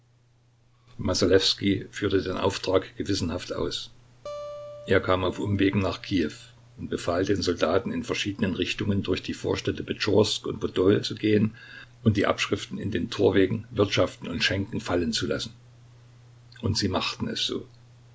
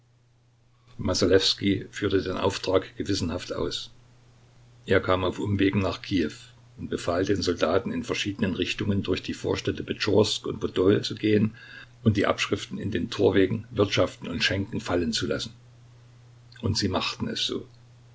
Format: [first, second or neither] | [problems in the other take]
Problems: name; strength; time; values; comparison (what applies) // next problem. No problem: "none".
second | background sound (Acoustic guitar); 18 dB below the speech